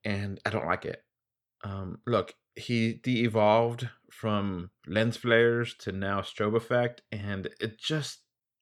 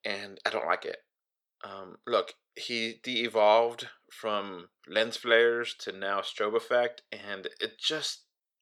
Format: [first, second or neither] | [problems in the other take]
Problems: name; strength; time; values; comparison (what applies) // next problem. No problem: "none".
first | thin; somewhat; fading below 500 Hz